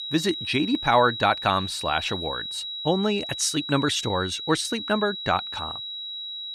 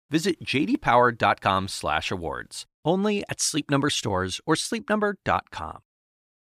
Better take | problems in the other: second | high-pitched whine; loud; throughout; 4 kHz, 7 dB below the speech

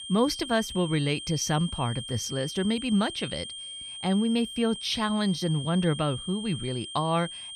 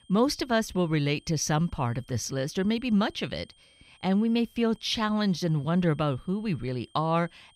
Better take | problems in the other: second | high-pitched whine; loud; throughout; 3 kHz, 9 dB below the speech; faint in the second

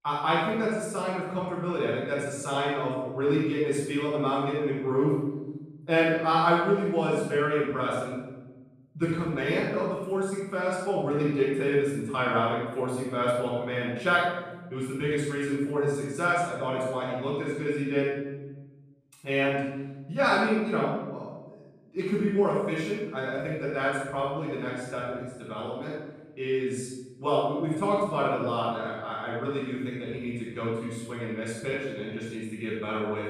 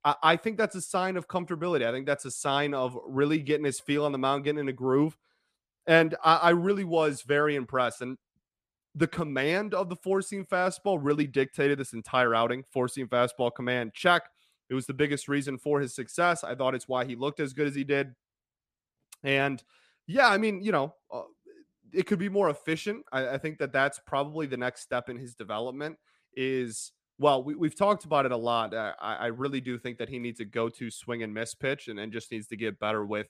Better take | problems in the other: second | room echo; strong; dies away in 1.2 s // off-mic speech; far

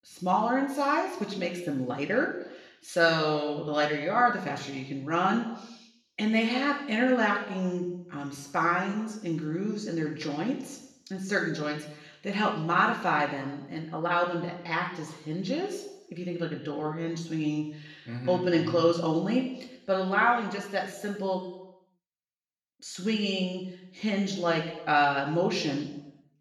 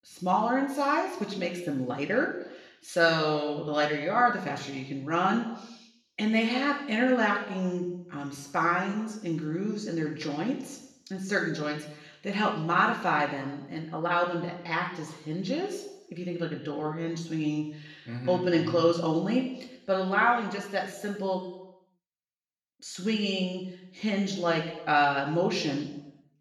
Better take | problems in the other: neither | room echo; slight; dies away in 0.8 s; the same in both // off-mic speech; somewhat distant; the same in both

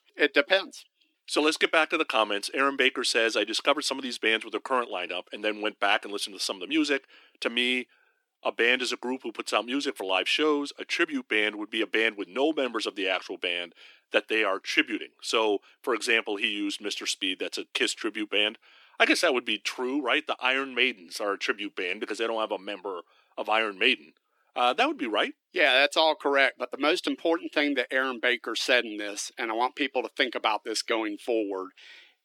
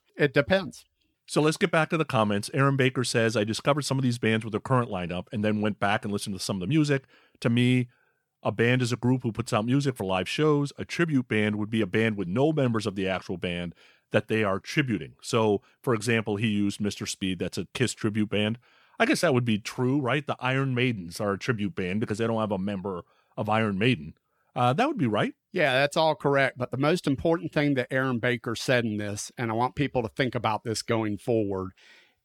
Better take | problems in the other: second | thin; somewhat; fading below 300 Hz

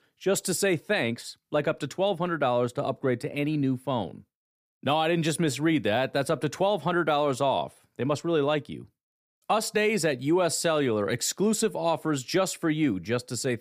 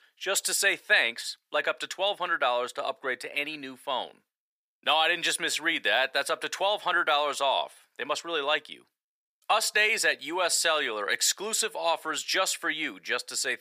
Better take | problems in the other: first | thin; very; fading below 800 Hz

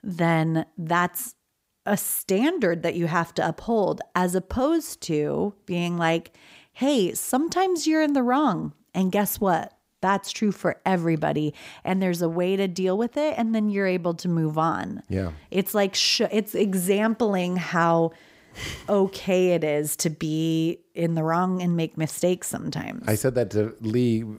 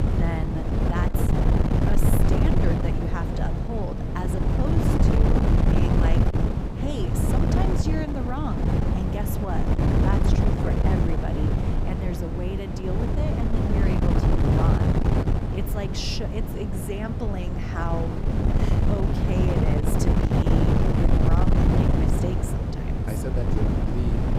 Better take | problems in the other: first | wind noise on the microphone; heavy; 4 dB above the speech

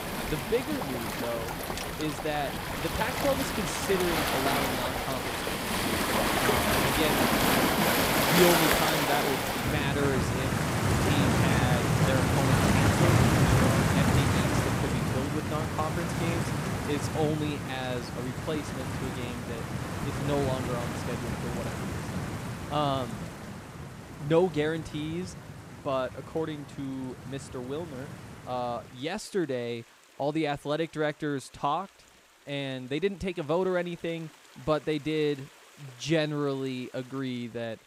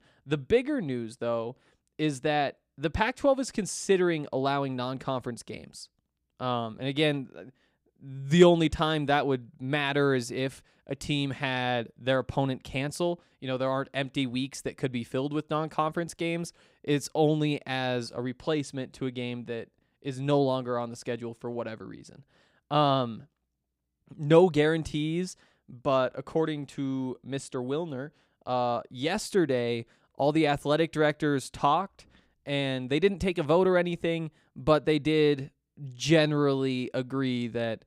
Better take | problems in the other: second | rain or running water; very loud; throughout; 4 dB above the speech

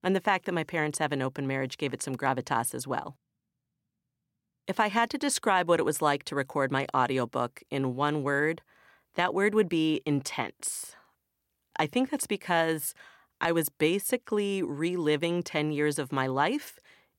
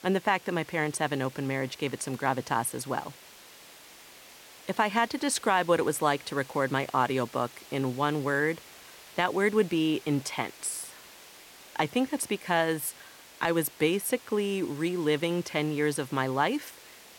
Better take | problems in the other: first | hiss; noticeable; throughout; 20 dB below the speech

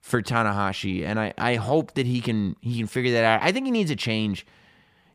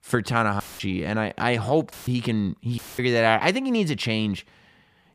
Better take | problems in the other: first | audio cutting out; filled with static; at 0.5 s, at 2 s and at 3 s

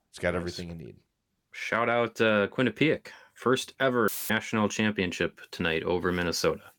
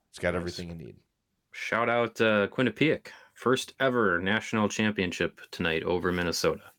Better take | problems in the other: second | audio cutting out; filled with static; at 4 s

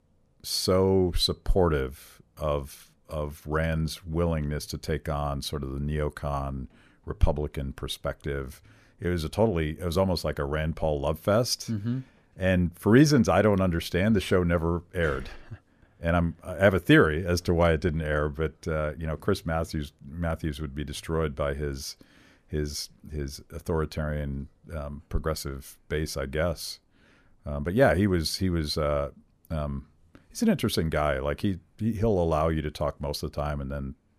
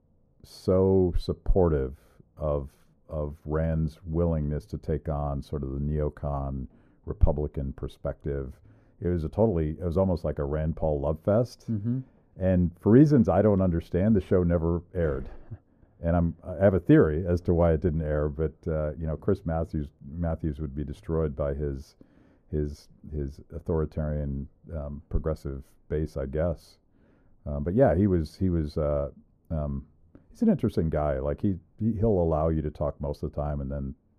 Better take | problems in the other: first | muffled; very; fading above 1.5 kHz

